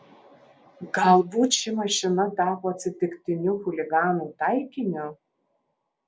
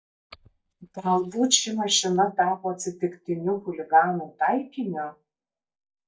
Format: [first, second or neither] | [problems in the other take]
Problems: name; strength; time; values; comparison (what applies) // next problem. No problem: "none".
first | noise reduction (neural mask model DeepFilterNet 3)